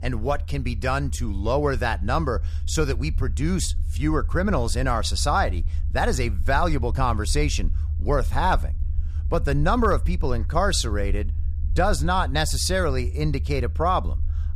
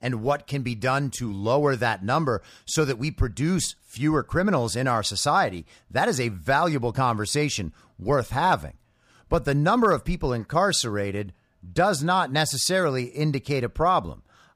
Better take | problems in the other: second | low rumble; faint; throughout; 20 dB below the speech

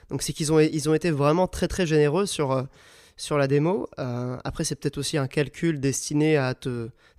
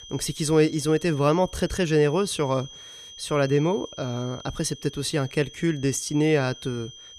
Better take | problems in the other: first | high-pitched whine; noticeable; throughout; 3.5 kHz, 20 dB below the speech

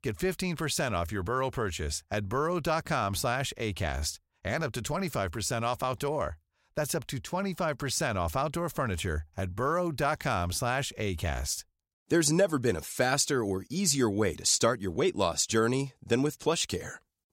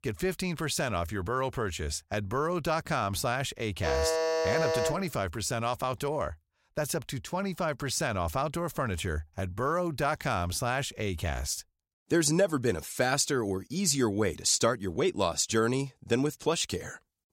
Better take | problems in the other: first | alarm; loud; from 4 to 5 s; peak 2 dB above the speech

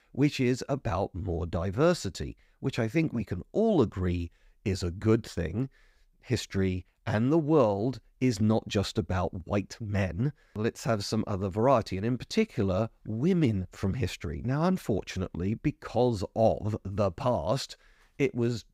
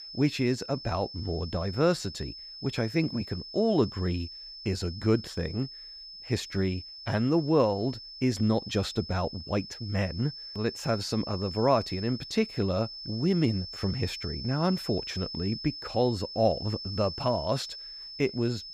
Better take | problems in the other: first | high-pitched whine; loud; throughout; 5.5 kHz, 10 dB below the speech

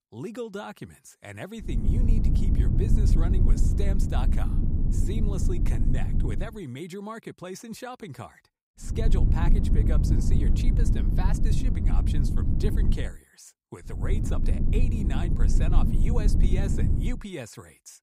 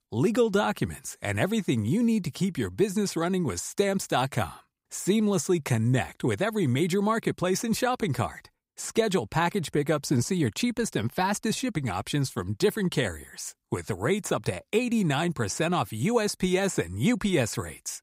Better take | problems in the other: second | low rumble; loud; from 1.5 to 6.5 s, from 9 to 13 s and from 14 to 17 s; as loud as the speech

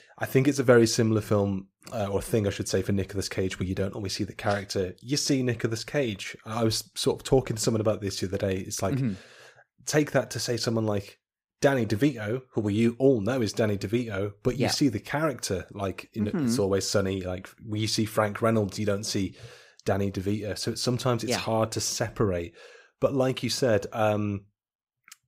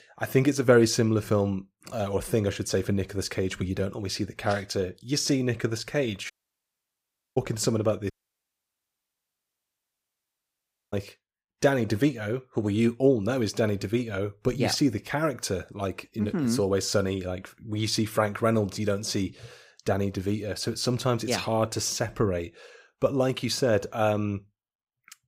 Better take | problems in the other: first | audio cutting out; at 6.5 s for 1 s and at 8 s for 3 s

